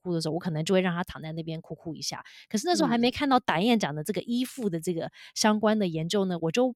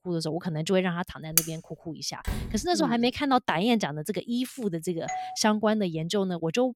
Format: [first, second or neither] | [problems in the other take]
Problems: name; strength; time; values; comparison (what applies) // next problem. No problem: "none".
first | clattering dishes; very faint; at 1.5 s; peak 2 dB above the speech // door banging; noticeable; at 2.5 s; peak 7 dB below the speech // doorbell; noticeable; at 5 s; peak 7 dB below the speech